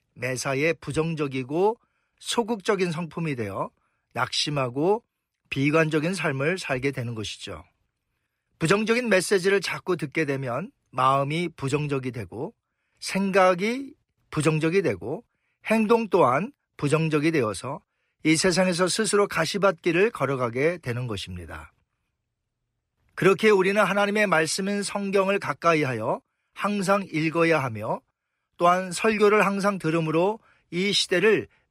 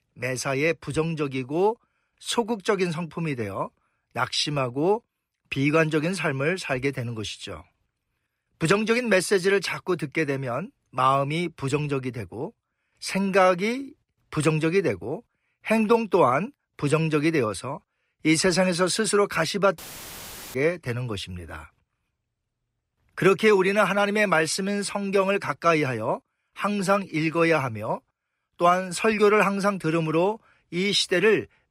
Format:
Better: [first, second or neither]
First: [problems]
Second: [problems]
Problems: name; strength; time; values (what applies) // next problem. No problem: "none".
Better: first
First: none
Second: audio cutting out; filled with static; at 20 s for 1 s